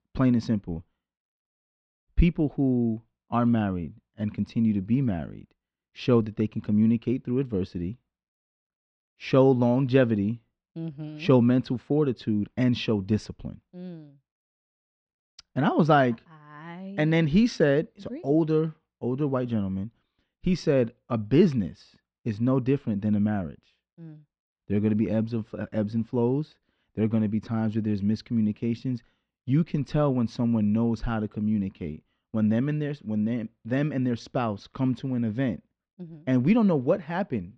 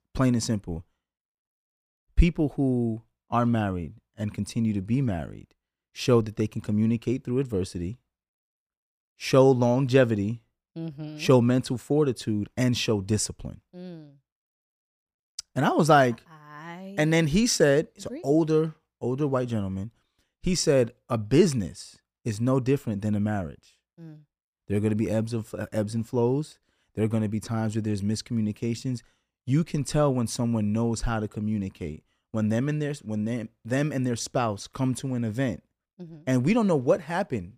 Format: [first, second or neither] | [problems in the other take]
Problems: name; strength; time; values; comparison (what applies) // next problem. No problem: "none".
second | muffled; slightly; fading above 4 kHz